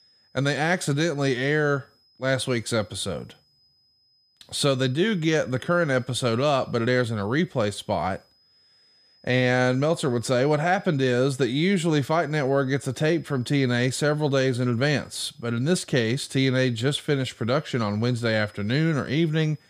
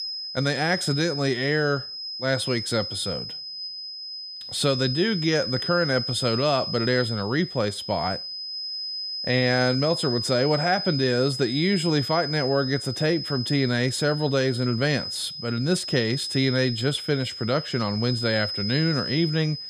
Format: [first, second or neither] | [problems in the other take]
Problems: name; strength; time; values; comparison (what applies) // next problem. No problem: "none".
first | high-pitched whine; loud; throughout; 5 kHz, 5 dB below the speech; faint in the first